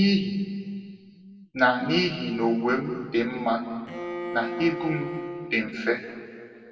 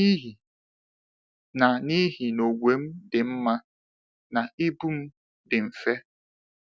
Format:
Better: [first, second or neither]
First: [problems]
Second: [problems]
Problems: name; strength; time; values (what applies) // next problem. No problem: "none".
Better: second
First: background sound (Bowed string instrument); 8 dB below the speech // room echo; dies away in 1.8 s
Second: none